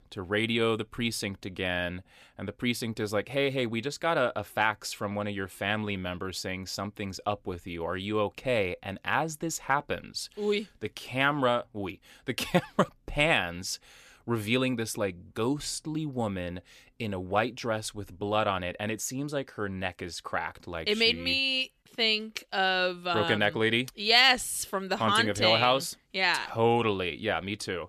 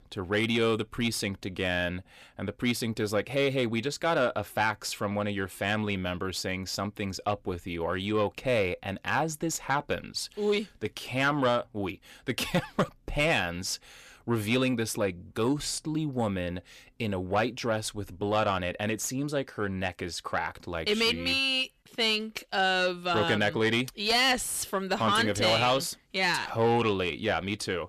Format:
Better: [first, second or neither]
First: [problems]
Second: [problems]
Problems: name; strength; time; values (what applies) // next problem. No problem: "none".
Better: first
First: none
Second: distortion; slight; 10 dB below the speech